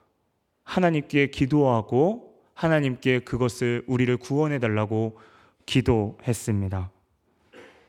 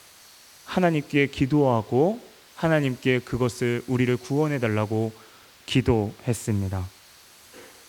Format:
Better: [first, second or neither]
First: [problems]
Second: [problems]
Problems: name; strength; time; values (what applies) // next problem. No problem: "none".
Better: first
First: none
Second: hiss; faint; throughout; 25 dB below the speech